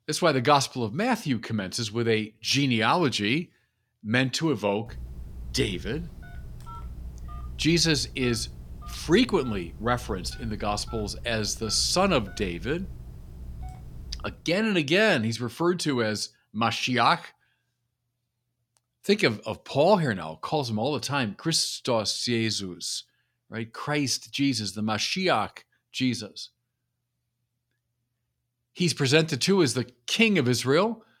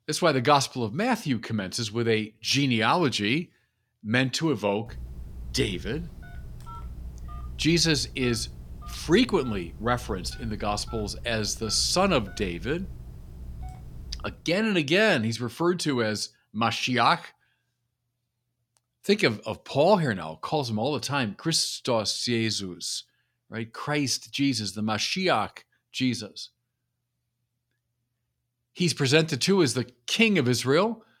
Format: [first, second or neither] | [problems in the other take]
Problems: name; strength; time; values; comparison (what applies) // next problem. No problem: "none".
neither | phone ringing; faint; from 5 to 14 s; peak 15 dB below the speech; the same in both